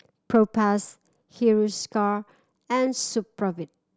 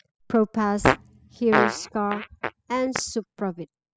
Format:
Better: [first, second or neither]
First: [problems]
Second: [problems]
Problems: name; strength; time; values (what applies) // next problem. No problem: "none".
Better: first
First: none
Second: noise reduction (classical method spectral subtraction)